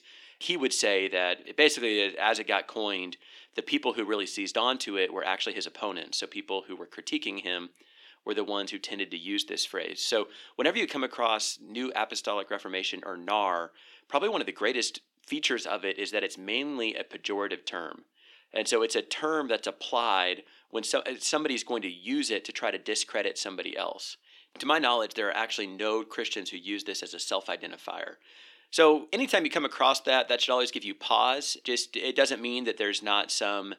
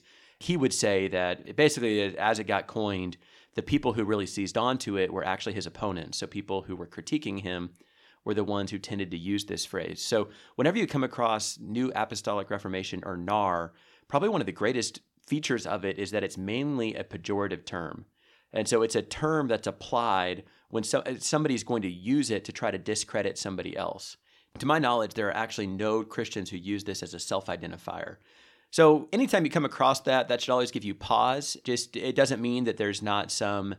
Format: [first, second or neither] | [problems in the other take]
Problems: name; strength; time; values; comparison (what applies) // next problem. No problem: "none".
second | thin; very slightly; fading below 300 Hz